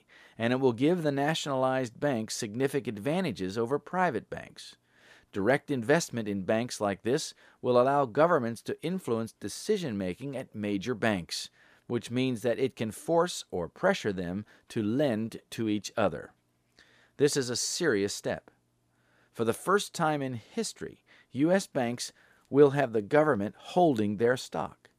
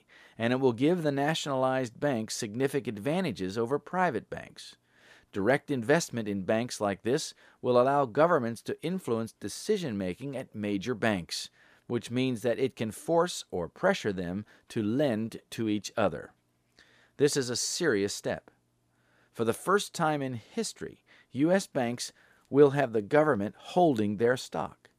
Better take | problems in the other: neither | none

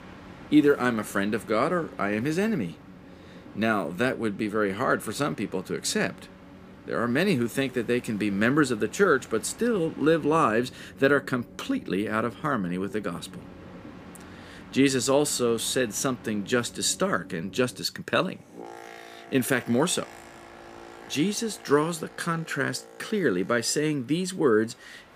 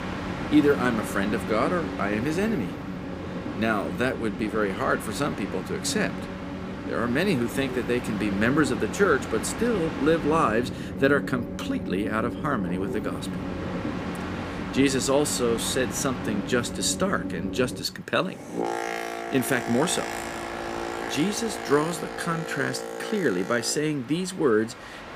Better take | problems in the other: first | train or aircraft noise; loud; throughout; 7 dB below the speech; faint in the first

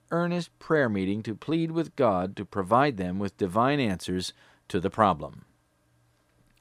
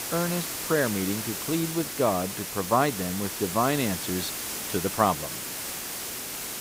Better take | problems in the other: first | hiss; loud; throughout; 3 dB below the speech

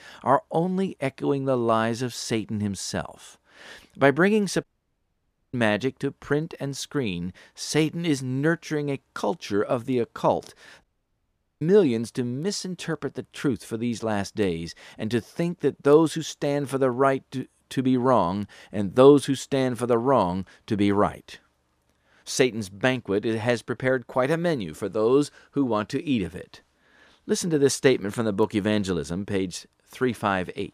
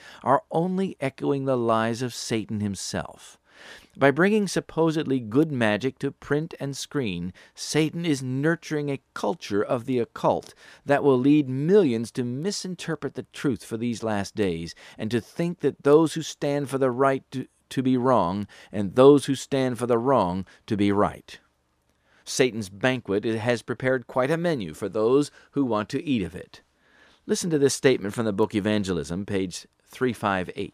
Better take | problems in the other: second | audio cutting out; at 4.5 s for 1 s and at 11 s for 1 s

